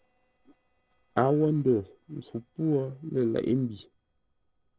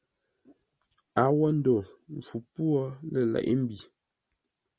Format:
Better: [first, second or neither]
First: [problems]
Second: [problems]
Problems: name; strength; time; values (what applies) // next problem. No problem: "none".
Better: second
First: noise reduction (neural separator model SepFormer DNS4)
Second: none